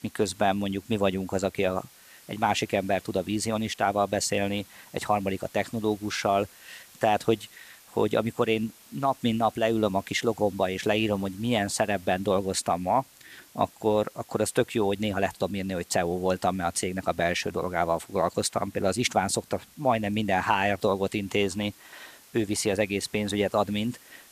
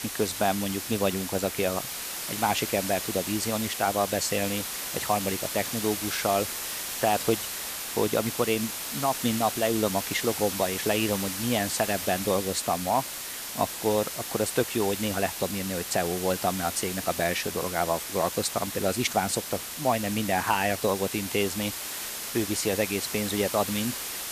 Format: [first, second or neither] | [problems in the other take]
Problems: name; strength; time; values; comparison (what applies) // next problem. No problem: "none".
first | hiss; loud; throughout; 4 dB below the speech; faint in the first